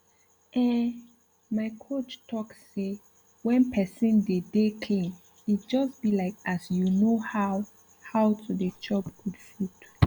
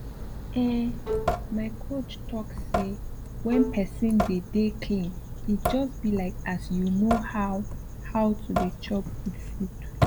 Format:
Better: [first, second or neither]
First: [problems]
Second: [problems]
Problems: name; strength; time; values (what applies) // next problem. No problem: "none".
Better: first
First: none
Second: background sound (Drip / Sink (filling or washing) / Water tap, faucet + Bowed string instrument); 4 dB below the speech